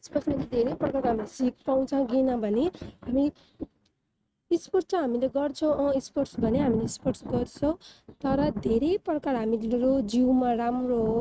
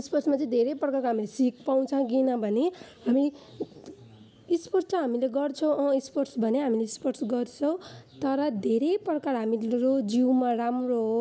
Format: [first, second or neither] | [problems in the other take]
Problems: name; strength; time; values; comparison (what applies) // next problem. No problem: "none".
second | noise reduction (neural mask model RNNoise)